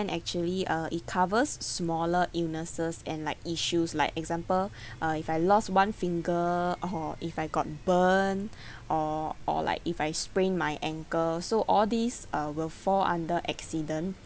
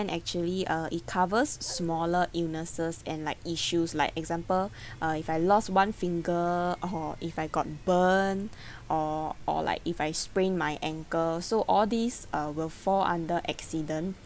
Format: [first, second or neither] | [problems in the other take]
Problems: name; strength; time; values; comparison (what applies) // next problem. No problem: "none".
first | background sound (Dog); 17 dB below the speech